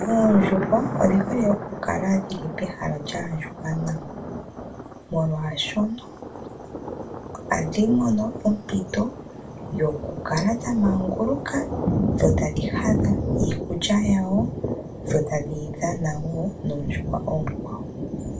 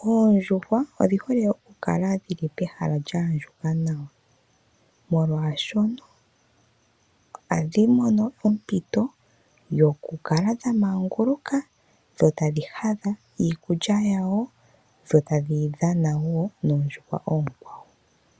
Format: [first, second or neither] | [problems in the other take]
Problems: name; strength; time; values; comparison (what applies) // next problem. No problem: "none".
second | background sound (Thunder); 4 dB below the speech // room echo; dies away in 0.2 s